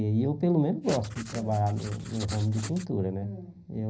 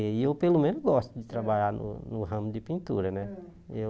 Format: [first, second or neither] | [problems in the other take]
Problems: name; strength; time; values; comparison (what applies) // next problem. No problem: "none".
second | background sound (Writing); 14 dB below the speech // room echo; dies away in 0.5 s